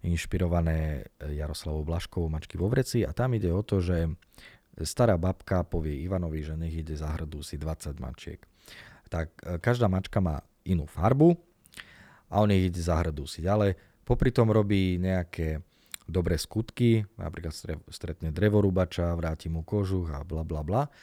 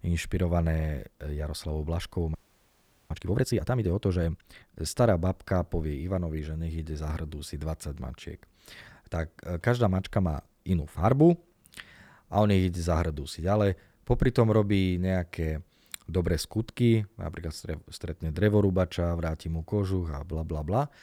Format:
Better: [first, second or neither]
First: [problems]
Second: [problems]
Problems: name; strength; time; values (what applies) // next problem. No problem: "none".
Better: first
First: none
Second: audio freezing; at 2.5 s for 1 s